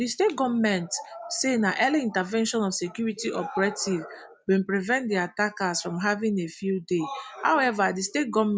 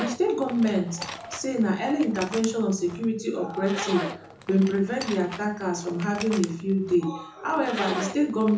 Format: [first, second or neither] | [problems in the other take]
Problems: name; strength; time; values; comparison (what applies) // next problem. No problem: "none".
first | background sound (Zipper (clothing)); 13 dB below the speech // room echo; dies away in 0.6 s